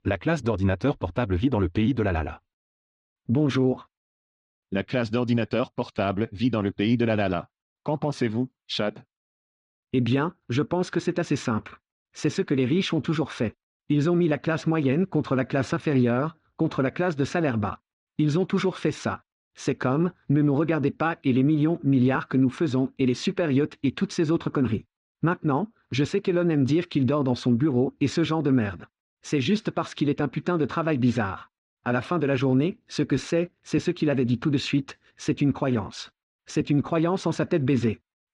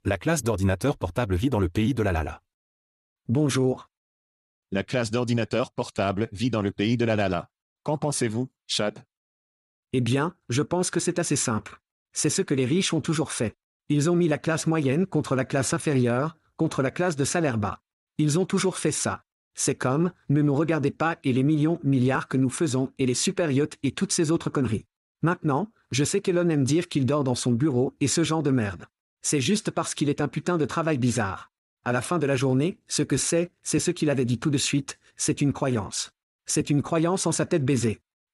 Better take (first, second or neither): second